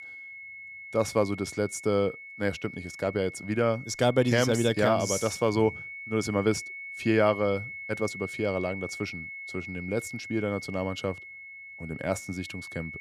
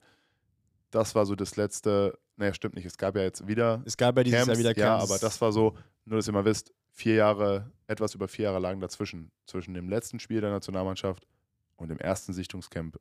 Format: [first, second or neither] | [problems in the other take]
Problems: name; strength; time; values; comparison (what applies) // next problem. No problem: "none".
second | high-pitched whine; noticeable; throughout; 2 kHz, 10 dB below the speech